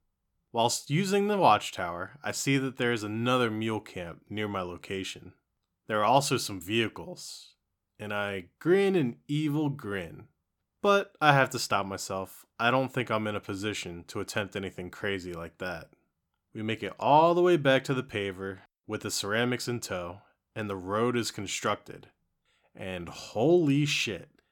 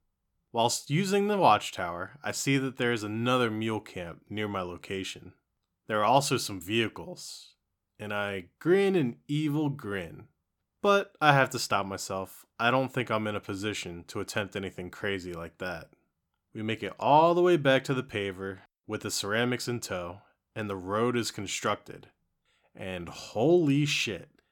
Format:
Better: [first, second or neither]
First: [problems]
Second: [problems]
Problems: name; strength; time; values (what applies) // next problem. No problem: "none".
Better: neither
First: none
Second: none